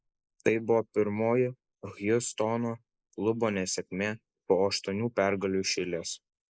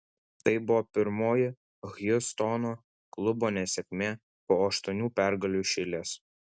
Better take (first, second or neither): second